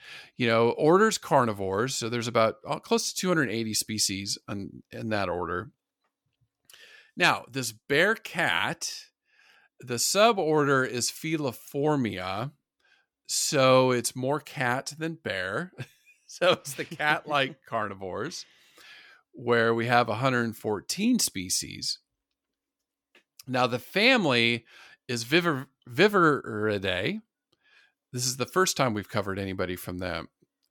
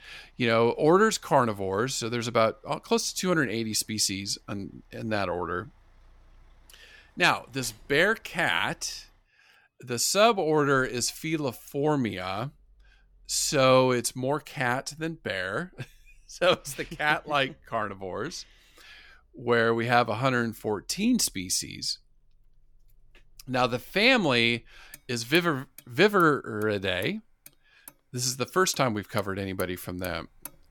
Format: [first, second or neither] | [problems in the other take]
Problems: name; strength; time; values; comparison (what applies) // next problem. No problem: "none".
first | traffic noise; faint; throughout; 30 dB below the speech